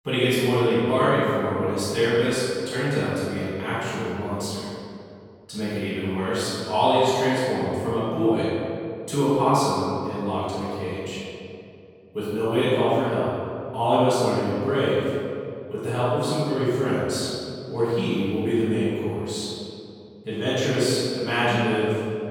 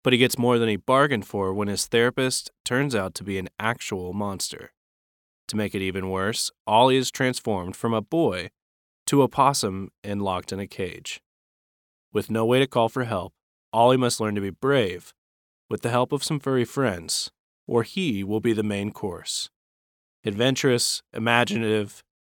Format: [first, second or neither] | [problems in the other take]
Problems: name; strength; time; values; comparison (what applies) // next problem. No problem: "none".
second | off-mic speech; far // room echo; strong; dies away in 2.4 s